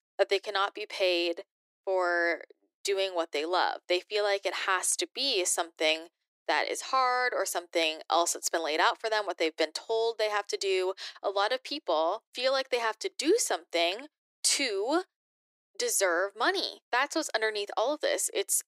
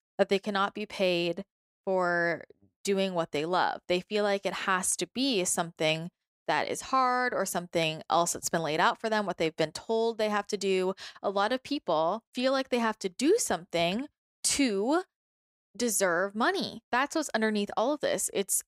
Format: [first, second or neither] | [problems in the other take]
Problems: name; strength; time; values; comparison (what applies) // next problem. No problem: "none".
second | thin; very; fading below 300 Hz